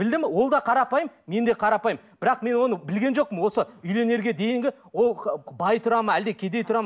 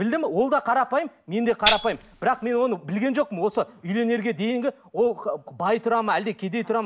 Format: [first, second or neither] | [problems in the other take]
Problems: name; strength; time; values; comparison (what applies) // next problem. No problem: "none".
first | background sound (Tambourine); 4 dB below the speech